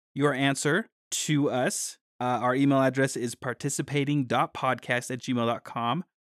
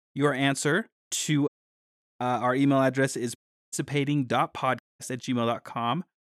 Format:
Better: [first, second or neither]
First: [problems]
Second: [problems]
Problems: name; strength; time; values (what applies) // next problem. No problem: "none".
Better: first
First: none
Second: audio cutting out; at 1.5 s for 0.5 s, at 3.5 s and at 5 s